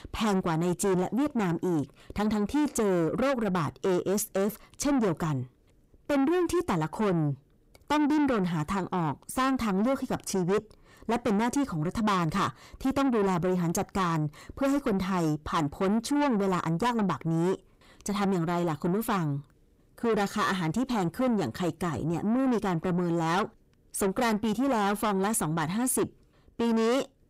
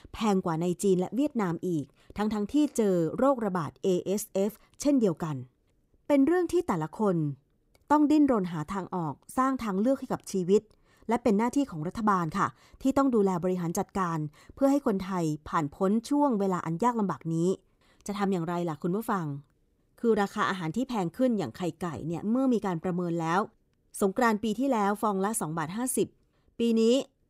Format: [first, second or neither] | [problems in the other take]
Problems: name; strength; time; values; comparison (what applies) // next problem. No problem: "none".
second | distortion; heavy; 7 dB below the speech